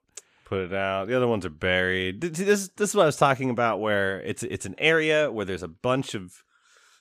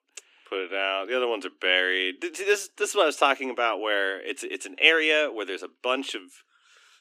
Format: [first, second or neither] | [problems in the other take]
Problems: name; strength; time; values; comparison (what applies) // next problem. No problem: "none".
first | thin; somewhat; fading below 250 Hz